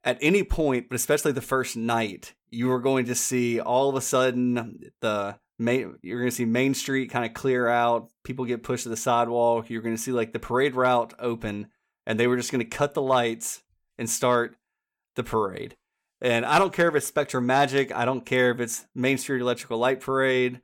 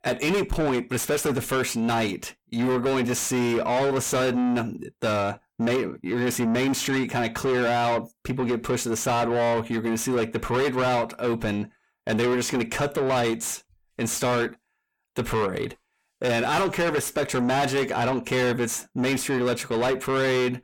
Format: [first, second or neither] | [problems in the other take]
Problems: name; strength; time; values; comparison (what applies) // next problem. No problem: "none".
first | distortion; heavy; 6 dB below the speech